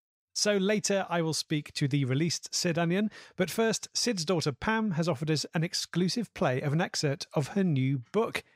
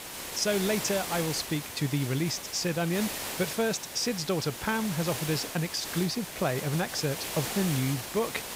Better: first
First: none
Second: hiss; loud; throughout; 5 dB below the speech

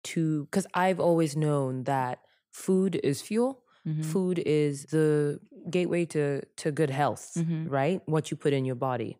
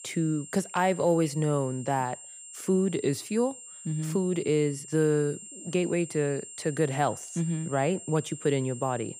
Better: first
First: none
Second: high-pitched whine; noticeable; throughout; 7.5 kHz, 15 dB below the speech

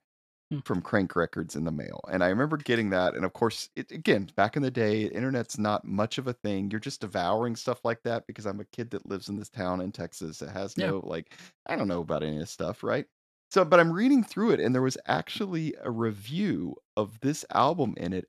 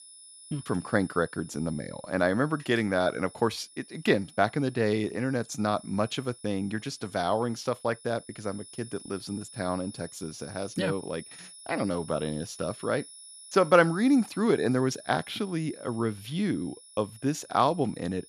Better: first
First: none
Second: high-pitched whine; noticeable; throughout; 10 kHz, 20 dB below the speech

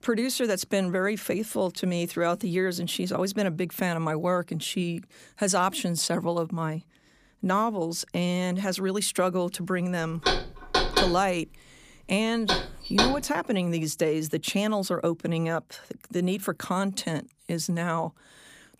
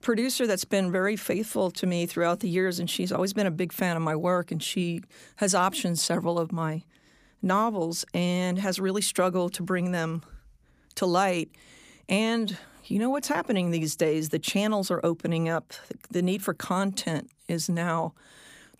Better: second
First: door banging; loud; from 10 to 13 s; peak 4 dB above the speech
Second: none

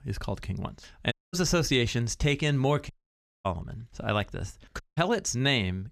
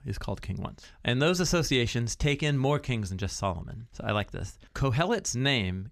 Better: second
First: audio cutting out; at 1 s, at 3 s for 0.5 s and at 5 s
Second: none

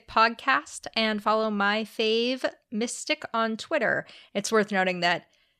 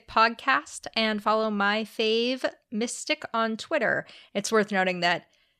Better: neither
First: none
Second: none

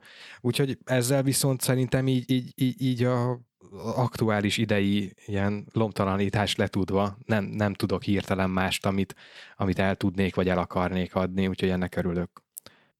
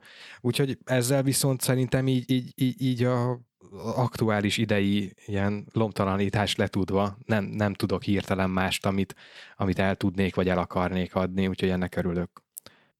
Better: neither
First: none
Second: none

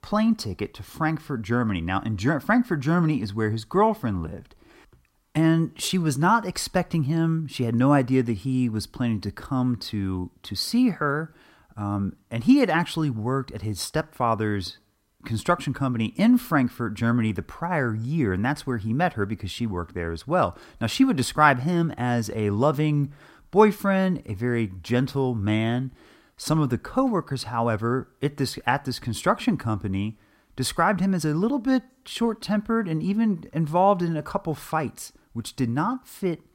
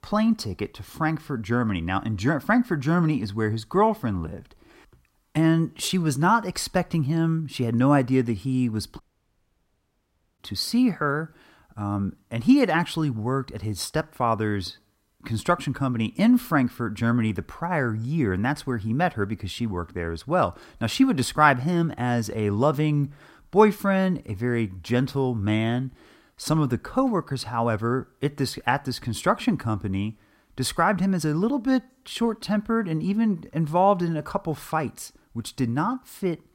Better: first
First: none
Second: audio cutting out; at 9 s for 1.5 s

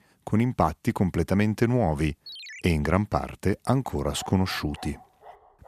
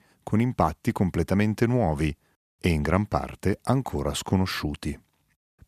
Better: second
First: phone ringing; faint; at 2.5 s; peak 15 dB below the speech // dog barking; faint; from 4 s on; peak 20 dB below the speech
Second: none

